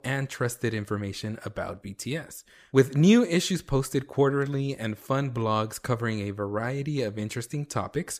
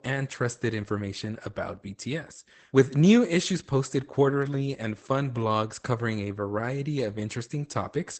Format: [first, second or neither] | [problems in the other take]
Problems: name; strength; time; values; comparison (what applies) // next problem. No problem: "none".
first | garbled, watery; badly; nothing above 8 kHz